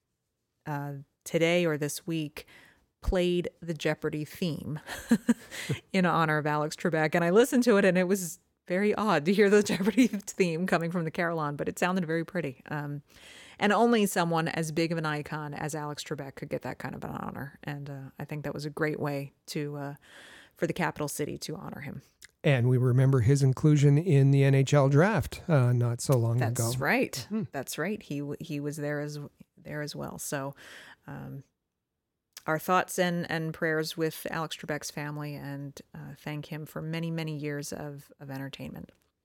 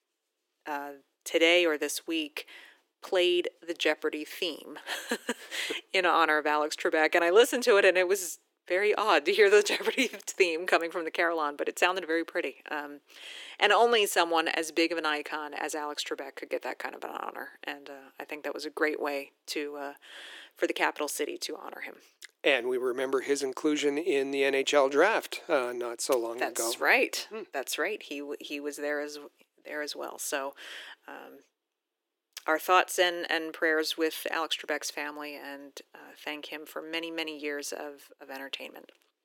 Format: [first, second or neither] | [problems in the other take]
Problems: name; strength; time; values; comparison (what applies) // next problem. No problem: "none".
first | thin; very; fading below 300 Hz